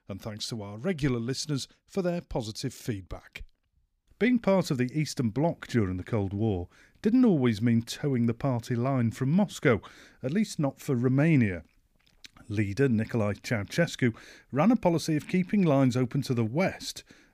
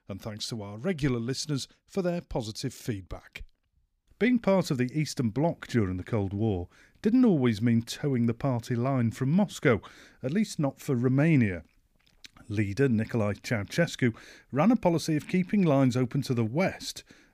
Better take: neither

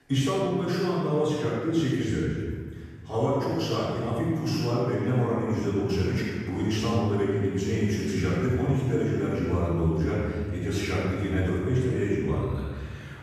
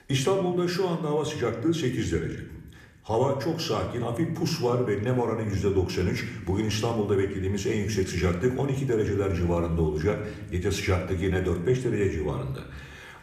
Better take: second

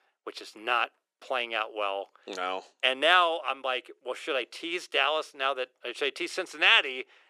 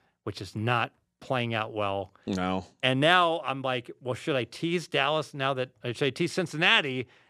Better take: second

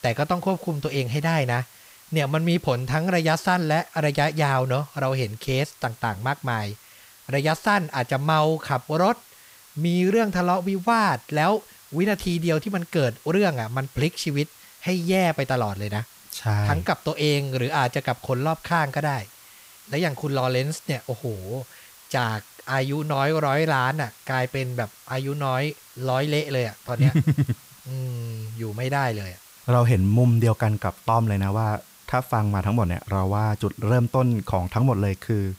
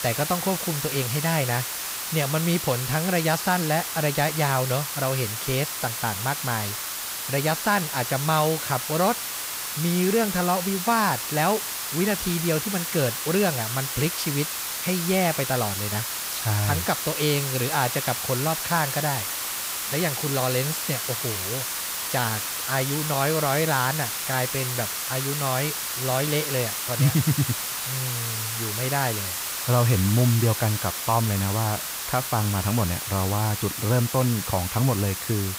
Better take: first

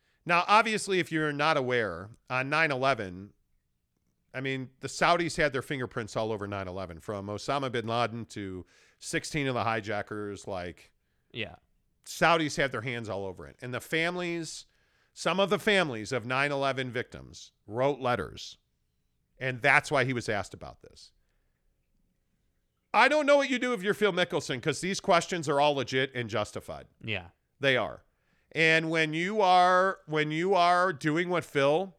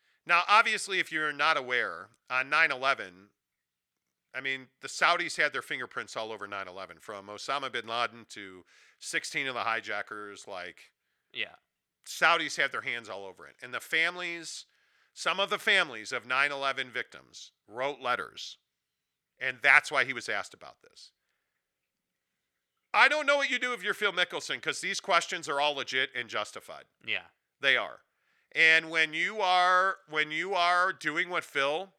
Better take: first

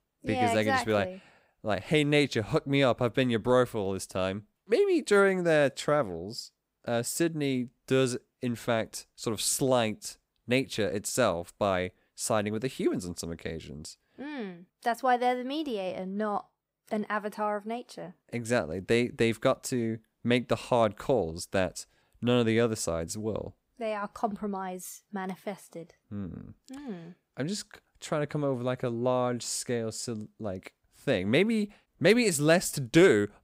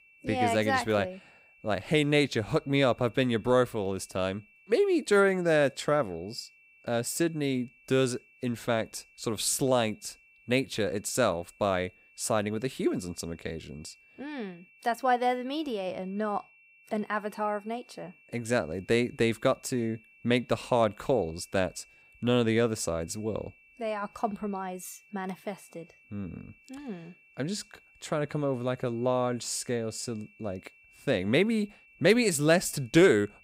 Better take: first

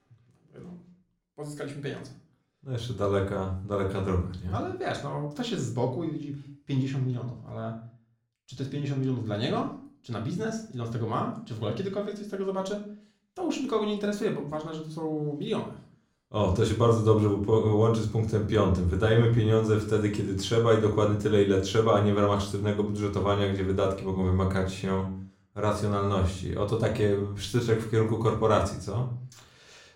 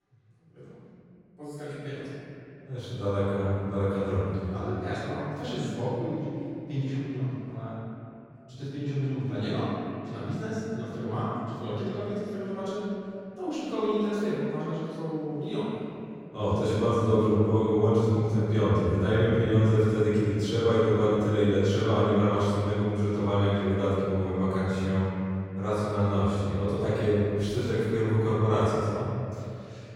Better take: first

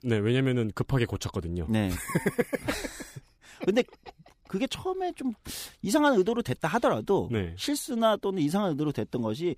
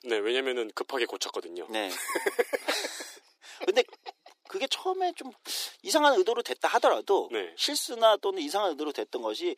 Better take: first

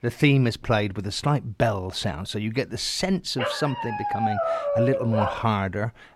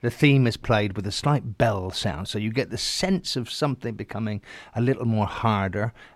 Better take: second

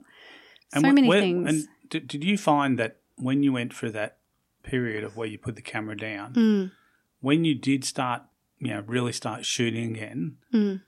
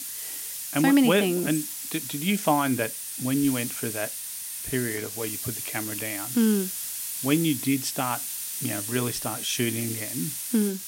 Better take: first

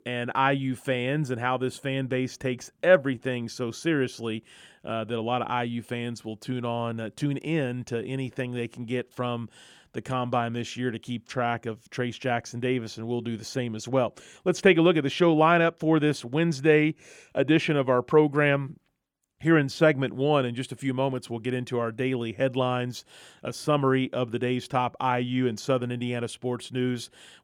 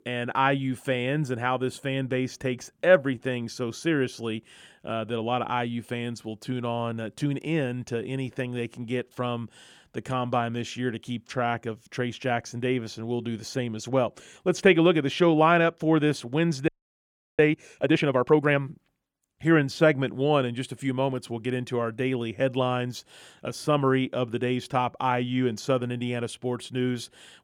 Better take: first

